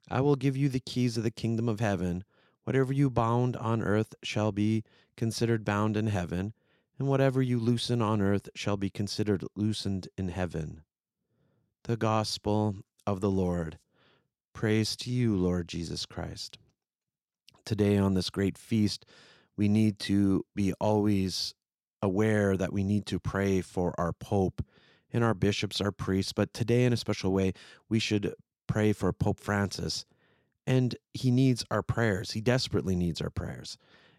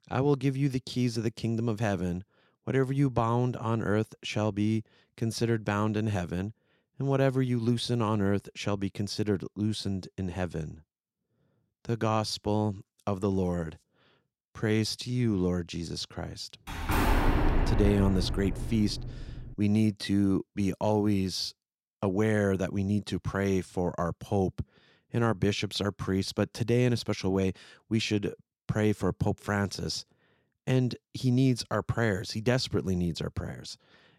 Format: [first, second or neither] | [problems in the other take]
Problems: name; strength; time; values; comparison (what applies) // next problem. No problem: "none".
first | door banging; loud; from 17 to 19 s; peak 3 dB above the speech